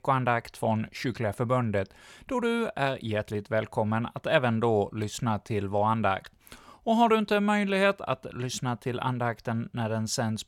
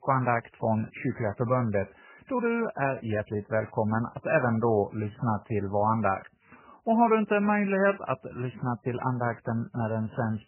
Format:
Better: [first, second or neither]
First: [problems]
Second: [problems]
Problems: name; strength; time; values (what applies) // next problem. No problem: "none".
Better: first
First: none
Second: garbled, watery; badly; nothing above 2.5 kHz